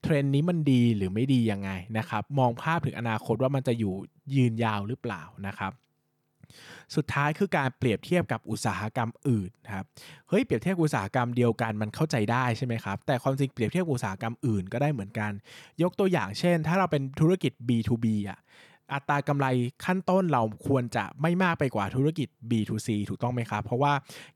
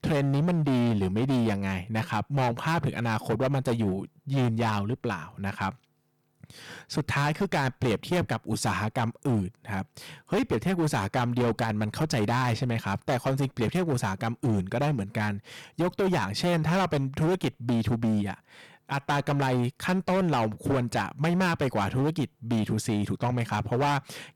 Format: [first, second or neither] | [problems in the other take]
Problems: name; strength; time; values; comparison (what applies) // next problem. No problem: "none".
first | distortion; heavy; 16% of the sound clipped